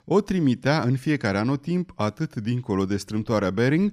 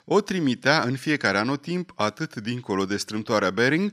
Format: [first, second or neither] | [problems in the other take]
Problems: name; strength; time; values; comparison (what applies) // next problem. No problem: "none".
first | thin; very slightly; fading below 650 Hz